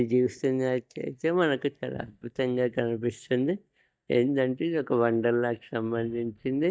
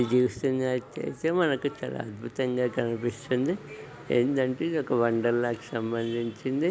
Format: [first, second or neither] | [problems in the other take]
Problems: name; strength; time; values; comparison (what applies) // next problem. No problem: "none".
second | noise reduction (neural mask model DeepFilterNet 3)